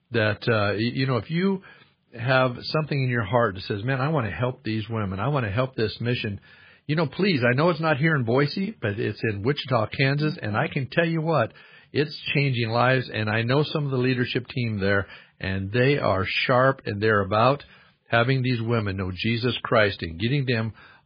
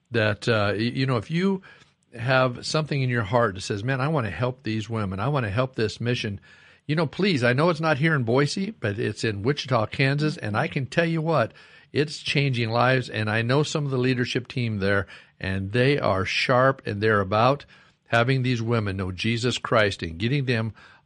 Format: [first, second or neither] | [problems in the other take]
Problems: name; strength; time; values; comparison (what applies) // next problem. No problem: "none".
second | garbled, watery; badly; nothing above 4.5 kHz; slightly in the second